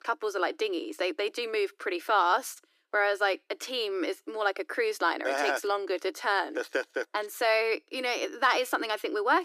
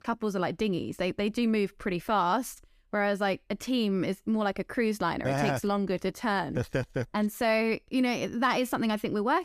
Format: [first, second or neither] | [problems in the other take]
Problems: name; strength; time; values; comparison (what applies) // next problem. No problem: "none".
second | thin; very; fading below 300 Hz